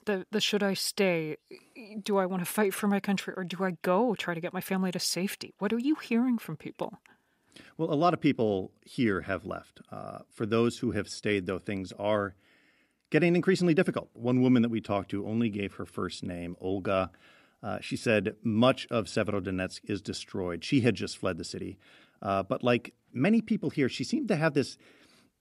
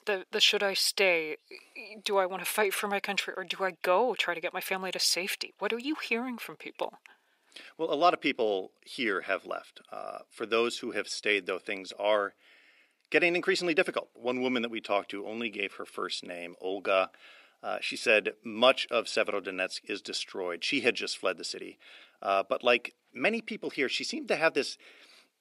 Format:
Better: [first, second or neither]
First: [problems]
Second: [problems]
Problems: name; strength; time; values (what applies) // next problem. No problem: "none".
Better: first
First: none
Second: thin; somewhat; fading below 500 Hz